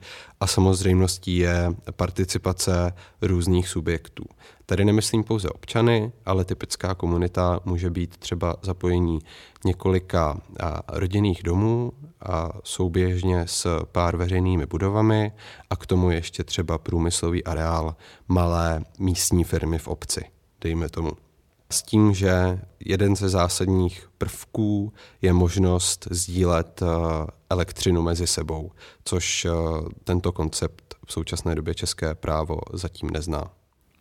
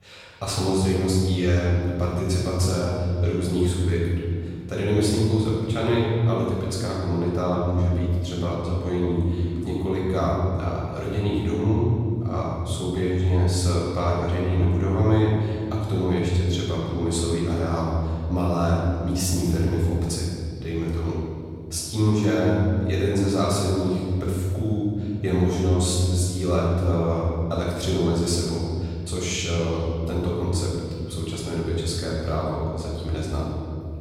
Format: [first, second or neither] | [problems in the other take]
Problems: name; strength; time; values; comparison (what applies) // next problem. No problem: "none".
first | off-mic speech; far // room echo; strong; dies away in 2.7 s